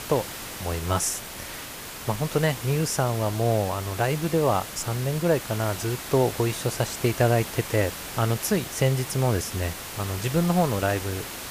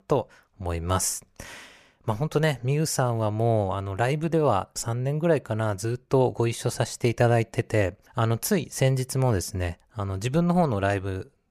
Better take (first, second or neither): second